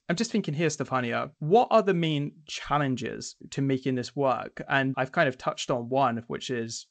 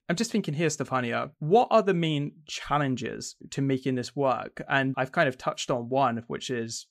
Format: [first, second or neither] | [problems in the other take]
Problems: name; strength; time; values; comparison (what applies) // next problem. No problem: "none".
second | garbled, watery; slightly; nothing above 7.5 kHz